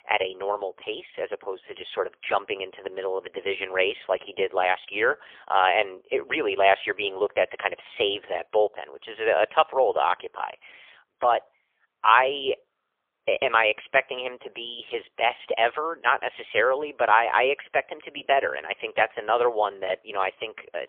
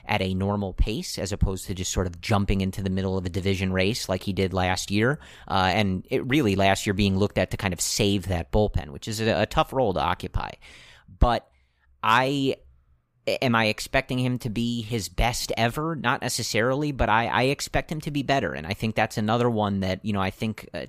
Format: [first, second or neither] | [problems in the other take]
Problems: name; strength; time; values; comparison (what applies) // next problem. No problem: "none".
second | phone-call audio; poor line; nothing above 3.5 kHz